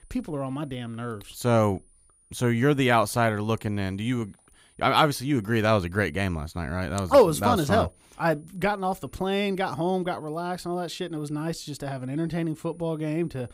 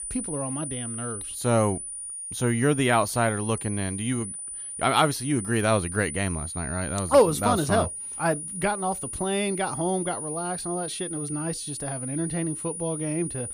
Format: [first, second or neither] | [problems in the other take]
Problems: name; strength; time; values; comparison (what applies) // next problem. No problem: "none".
first | high-pitched whine; loud; throughout; 9.5 kHz, 6 dB below the speech; faint in the first